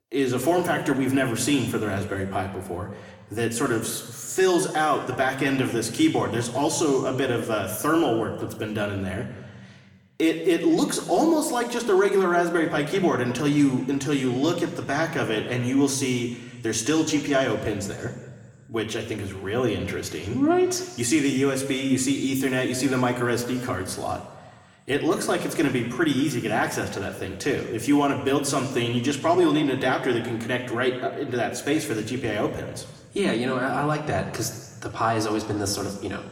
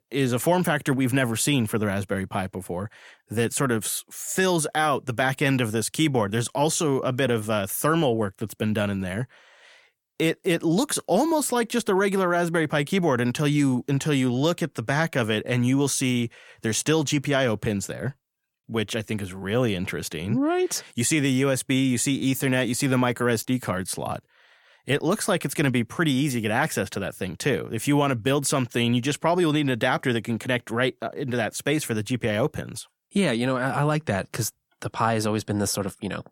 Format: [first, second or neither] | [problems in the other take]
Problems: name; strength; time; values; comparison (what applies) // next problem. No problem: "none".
second | room echo; slight; dies away in 1.4 s // off-mic speech; somewhat distant